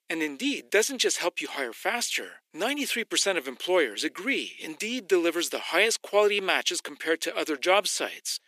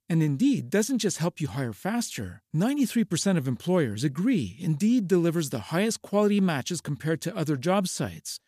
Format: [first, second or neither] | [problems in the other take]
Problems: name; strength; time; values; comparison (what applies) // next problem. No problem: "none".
second | thin; very; fading below 350 Hz